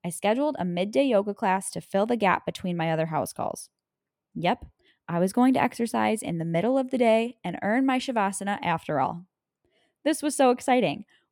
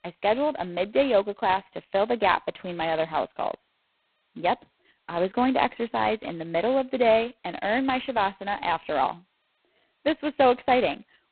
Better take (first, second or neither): first